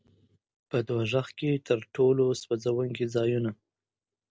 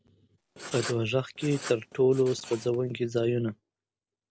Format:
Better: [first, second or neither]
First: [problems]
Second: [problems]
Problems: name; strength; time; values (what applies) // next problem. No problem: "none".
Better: first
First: none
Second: background sound (Writing); 14 dB below the speech